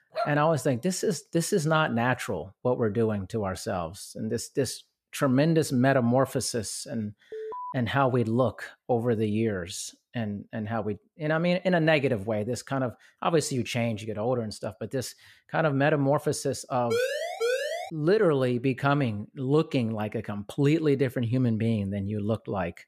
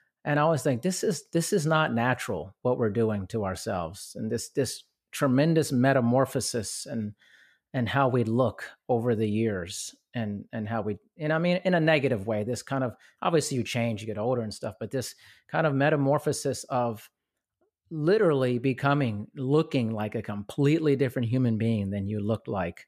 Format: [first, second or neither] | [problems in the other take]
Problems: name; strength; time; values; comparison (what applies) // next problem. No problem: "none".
second | dog barking; noticeable; at the start; peak 6 dB below the speech // alarm; noticeable; at 7.5 s; peak 10 dB below the speech // siren; noticeable; at 17 s; peak 1 dB below the speech